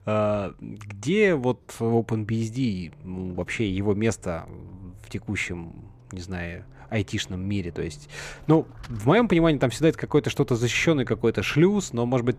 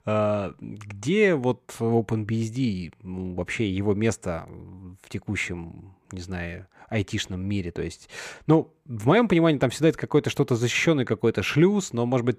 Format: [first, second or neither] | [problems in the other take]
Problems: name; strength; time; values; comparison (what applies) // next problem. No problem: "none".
second | traffic noise; faint; throughout; 25 dB below the speech